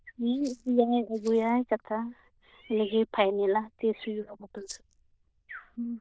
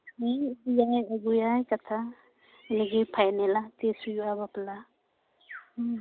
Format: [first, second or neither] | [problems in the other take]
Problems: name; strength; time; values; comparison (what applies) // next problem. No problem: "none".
second | noise reduction (neural diffusion model UNIVERSE++)